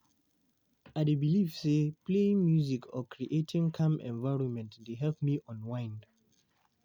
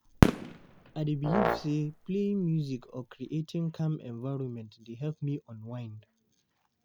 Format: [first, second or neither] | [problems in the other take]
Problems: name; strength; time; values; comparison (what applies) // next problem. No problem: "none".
first | background sound (Fireworks + Brass instrument); 3 dB above the speech